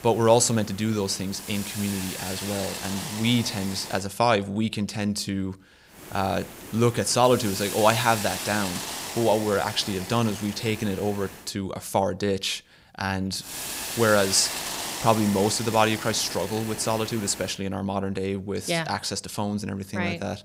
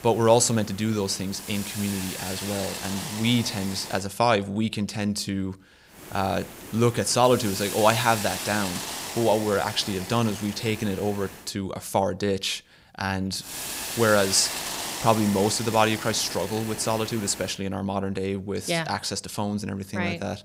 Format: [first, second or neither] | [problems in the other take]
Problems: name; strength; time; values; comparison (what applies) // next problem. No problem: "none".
neither | hiss; loud; until 4 s, from 6 to 11 s and from 13 to 18 s; 8 dB below the speech; the same in both